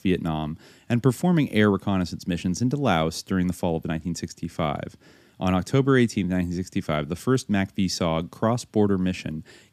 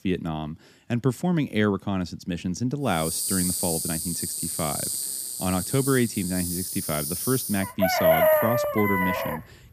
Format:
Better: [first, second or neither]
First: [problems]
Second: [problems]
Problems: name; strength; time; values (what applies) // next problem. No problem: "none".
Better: first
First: none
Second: animal sounds; very loud; from 3 s on; 2 dB above the speech